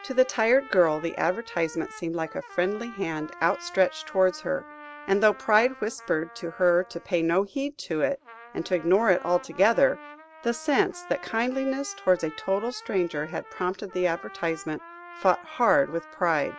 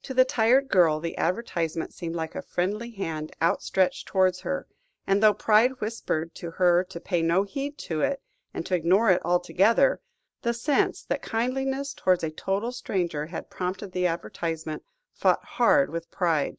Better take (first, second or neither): second